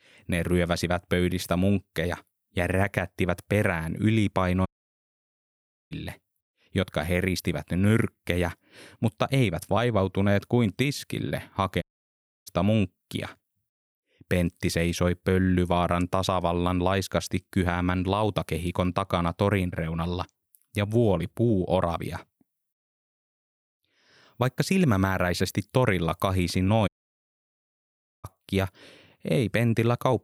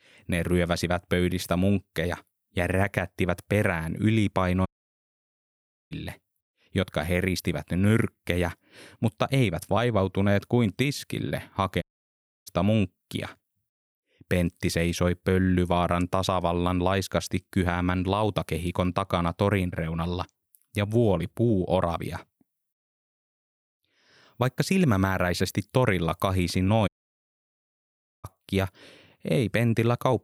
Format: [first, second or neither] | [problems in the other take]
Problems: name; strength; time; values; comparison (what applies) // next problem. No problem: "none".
neither | audio cutting out; at 4.5 s for 1.5 s, at 12 s for 0.5 s and at 27 s for 1.5 s; the same in both